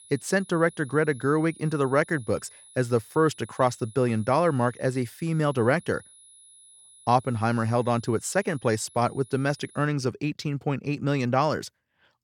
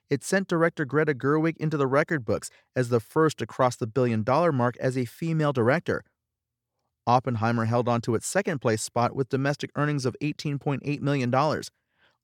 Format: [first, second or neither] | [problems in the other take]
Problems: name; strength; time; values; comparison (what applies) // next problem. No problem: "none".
second | high-pitched whine; faint; until 10 s; 10.5 kHz, 25 dB below the speech